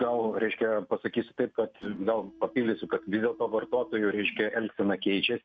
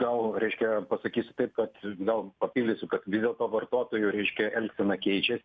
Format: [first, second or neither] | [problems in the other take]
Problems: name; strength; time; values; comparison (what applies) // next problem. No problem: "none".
second | noise reduction (neural mask model RNNoise)